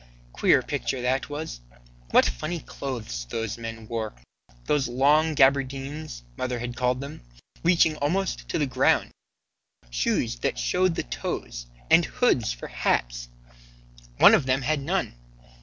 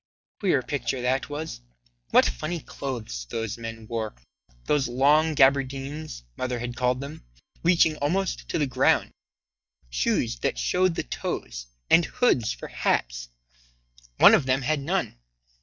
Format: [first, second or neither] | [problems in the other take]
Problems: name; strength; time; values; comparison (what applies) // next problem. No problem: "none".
first | noise reduction (neural mask model DeepFilterNet 3)